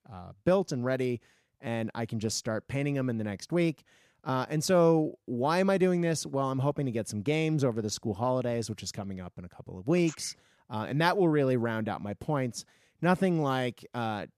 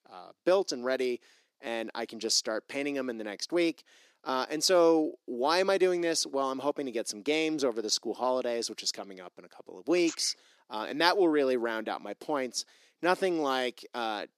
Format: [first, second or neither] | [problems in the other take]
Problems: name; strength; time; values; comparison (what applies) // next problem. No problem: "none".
first | thin; somewhat; fading below 300 Hz